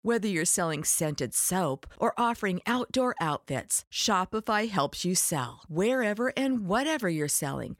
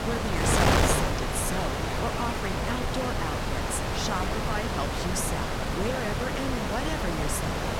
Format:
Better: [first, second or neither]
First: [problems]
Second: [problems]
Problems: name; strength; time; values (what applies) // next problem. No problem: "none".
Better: first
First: none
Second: wind noise on the microphone; heavy; 5 dB above the speech